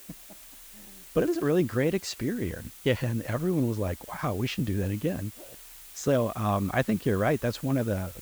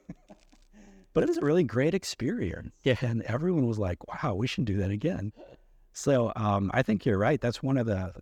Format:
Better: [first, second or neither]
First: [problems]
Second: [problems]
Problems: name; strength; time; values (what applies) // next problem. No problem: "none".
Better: second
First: hiss; noticeable; throughout; 15 dB below the speech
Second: none